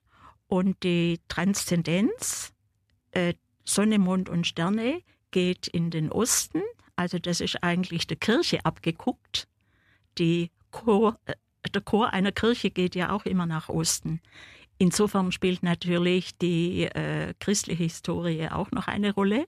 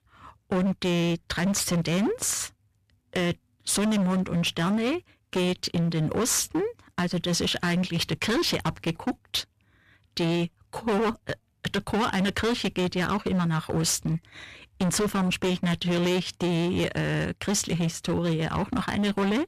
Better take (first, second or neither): first